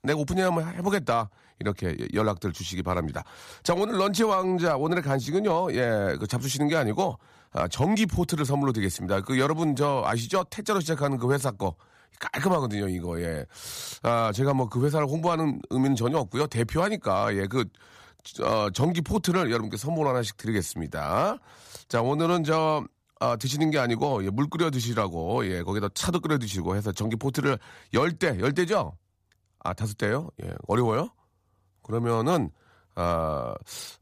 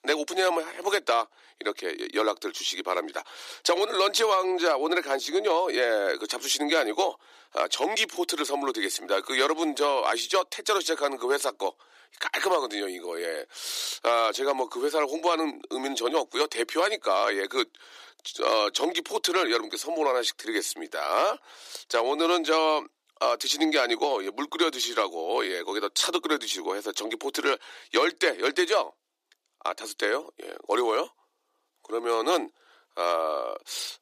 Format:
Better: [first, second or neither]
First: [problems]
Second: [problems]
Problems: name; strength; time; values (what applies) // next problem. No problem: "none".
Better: first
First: none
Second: thin; very; fading below 300 Hz